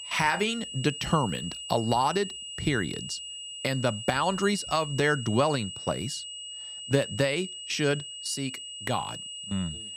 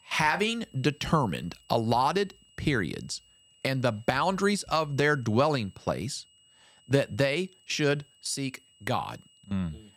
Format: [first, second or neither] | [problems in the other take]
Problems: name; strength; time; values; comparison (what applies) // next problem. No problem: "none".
second | high-pitched whine; loud; throughout; 3 kHz, 8 dB below the speech; faint in the second